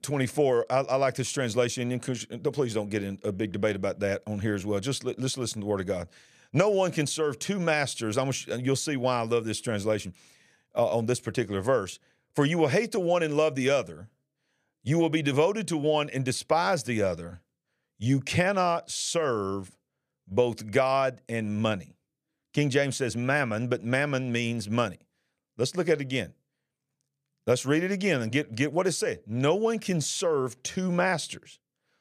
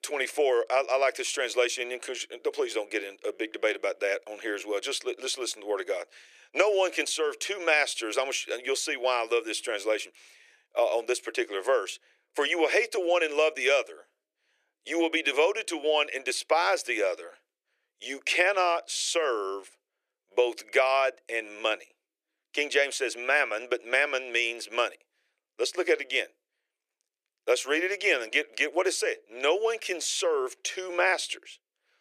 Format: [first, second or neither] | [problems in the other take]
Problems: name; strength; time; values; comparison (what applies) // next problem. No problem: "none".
first | thin; very; fading below 350 Hz